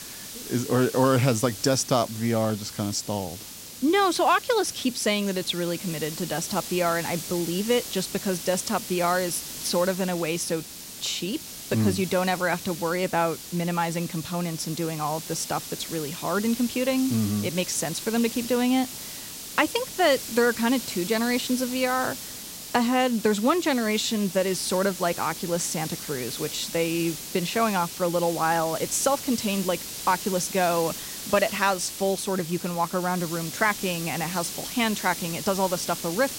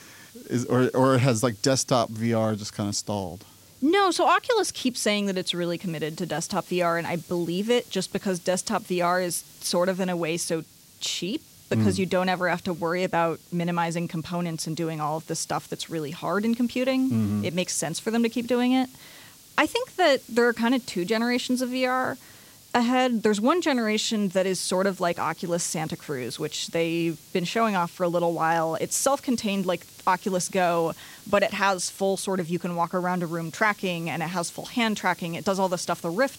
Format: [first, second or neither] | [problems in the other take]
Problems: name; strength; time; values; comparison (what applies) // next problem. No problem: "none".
second | hiss; loud; throughout; 9 dB below the speech; faint in the second